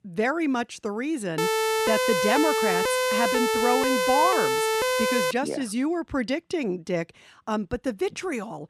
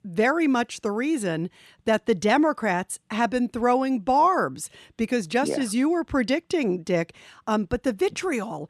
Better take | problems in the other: second | siren; loud; from 1.5 to 5.5 s; peak 4 dB above the speech

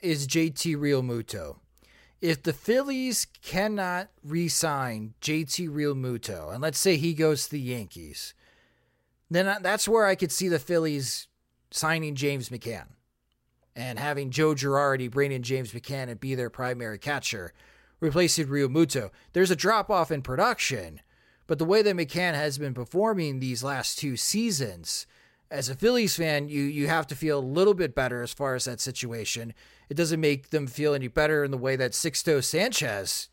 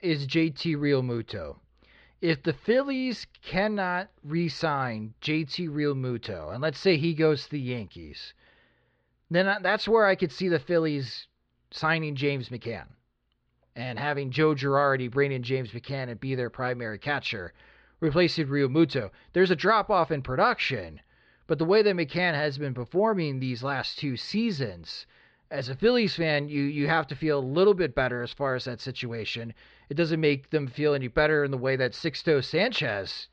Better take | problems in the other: first | muffled; very slightly; fading above 4 kHz

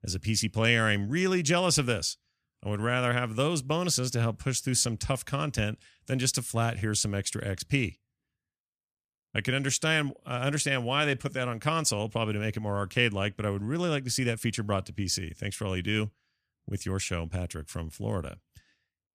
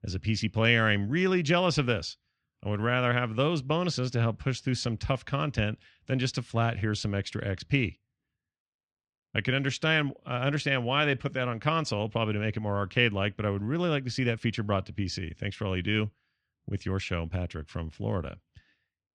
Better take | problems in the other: first | muffled; slightly; fading above 4 kHz

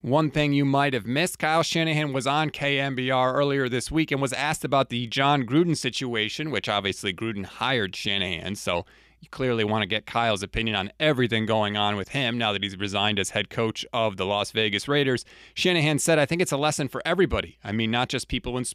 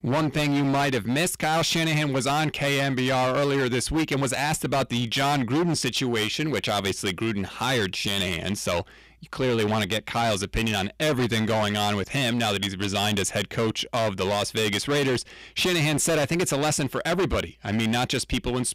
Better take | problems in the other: first | distortion; heavy; 21% of the sound clipped

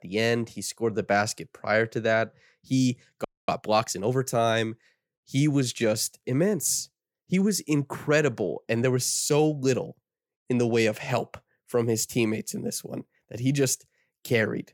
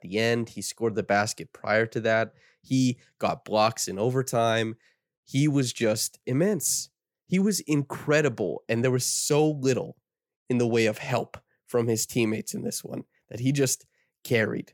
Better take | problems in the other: second | audio freezing; at 3.5 s

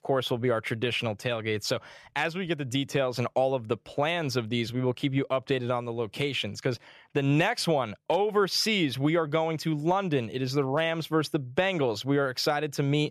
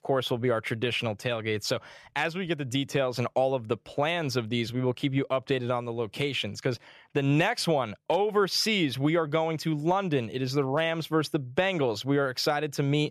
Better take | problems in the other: neither | none

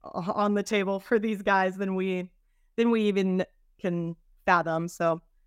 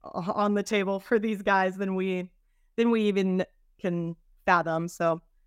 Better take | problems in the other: neither | none

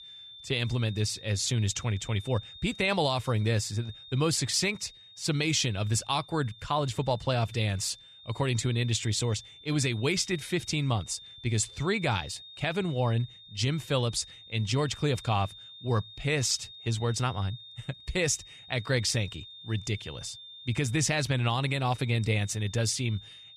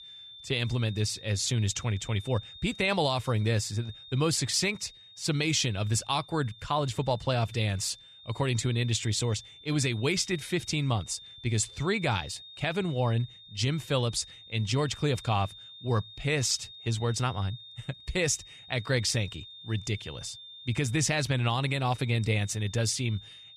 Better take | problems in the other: neither | high-pitched whine; noticeable; throughout; 3.5 kHz, 15 dB below the speech; the same in both

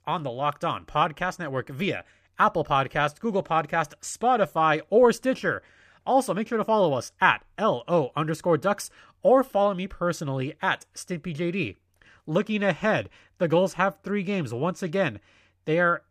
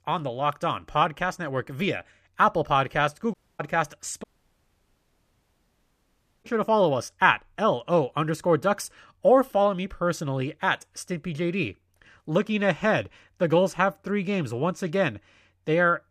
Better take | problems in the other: first | audio cutting out; at 3.5 s and at 4 s for 2 s

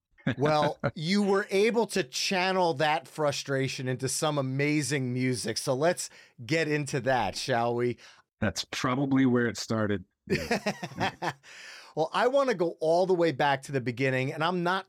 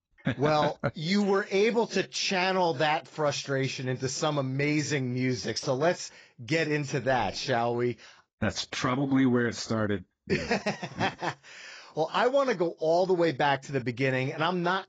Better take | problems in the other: first | garbled, watery; badly; nothing above 7.5 kHz

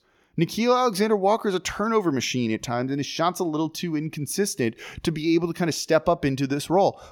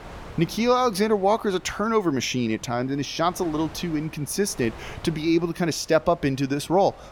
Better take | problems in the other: first | wind noise on the microphone; occasional gusts; 20 dB below the speech

